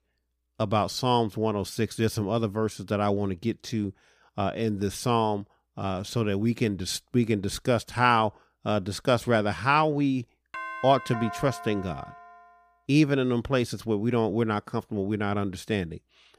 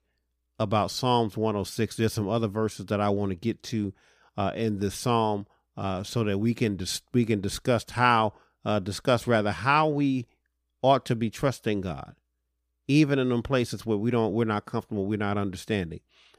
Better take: second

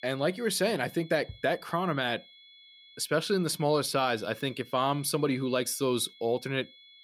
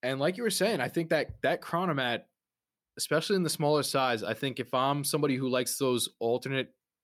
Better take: second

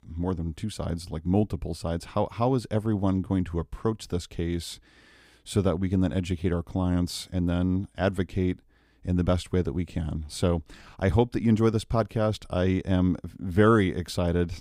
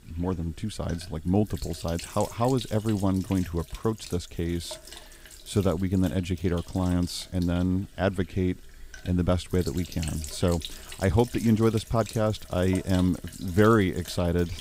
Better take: first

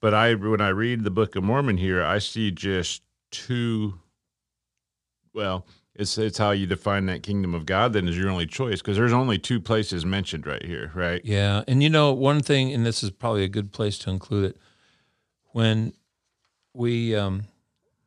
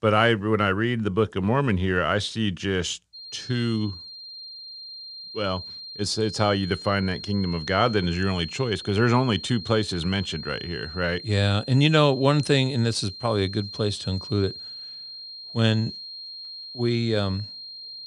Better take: first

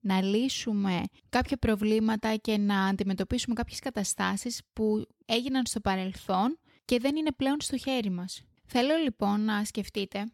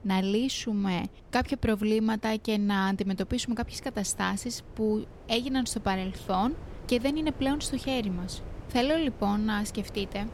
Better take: first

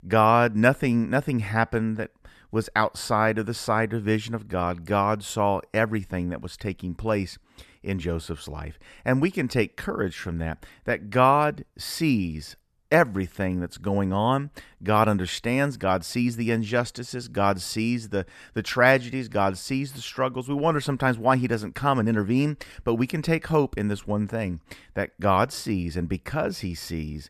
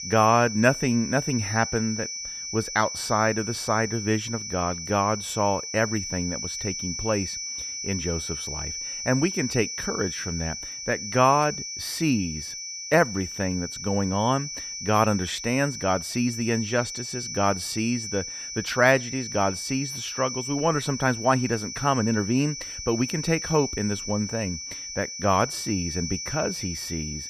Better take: first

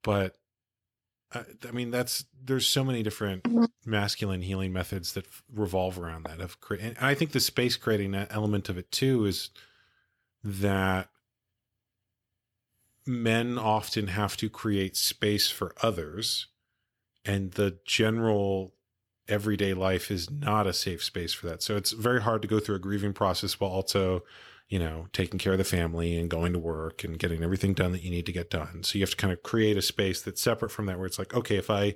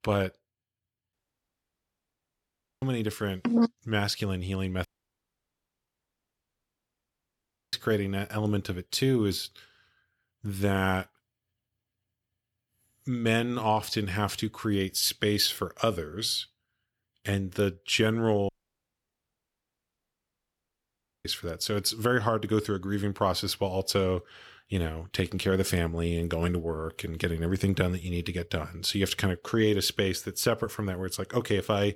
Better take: first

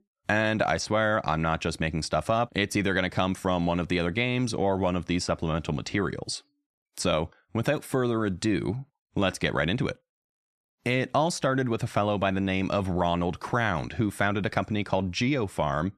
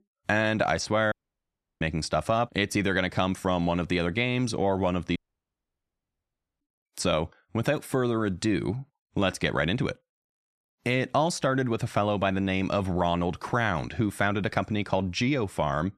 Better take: first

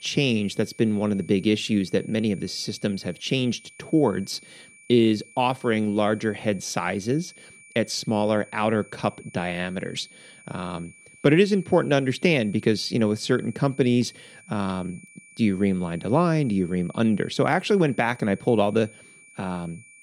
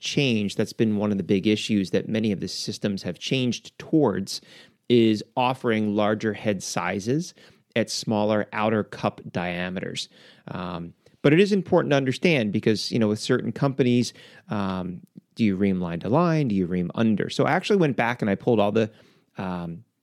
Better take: second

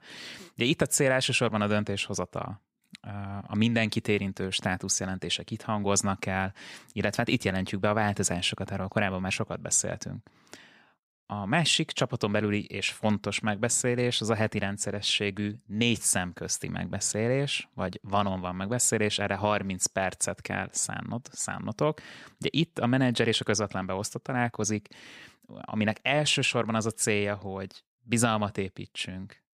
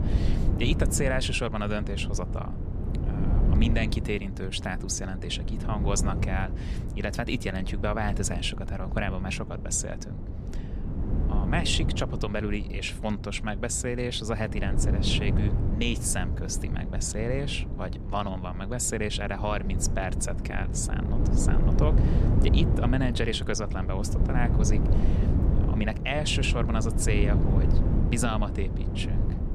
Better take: first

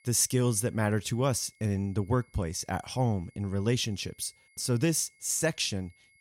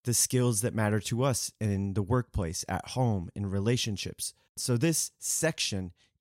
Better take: second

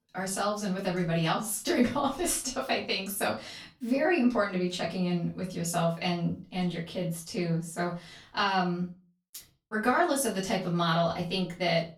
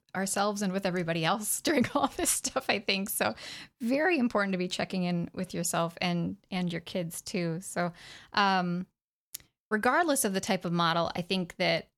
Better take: second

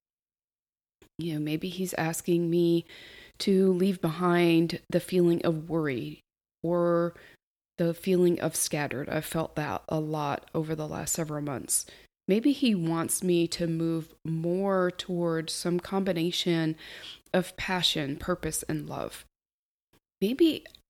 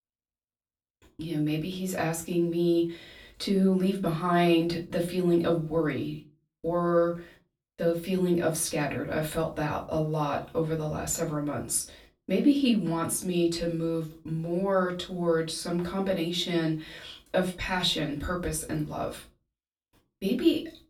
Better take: first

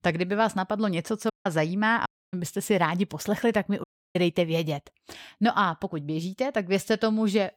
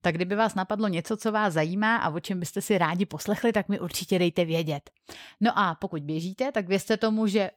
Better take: second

